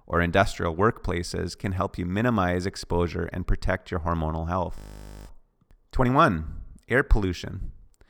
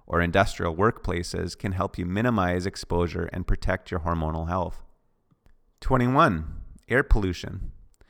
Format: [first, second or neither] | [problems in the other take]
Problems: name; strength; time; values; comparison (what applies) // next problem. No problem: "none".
second | audio freezing; at 5 s for 0.5 s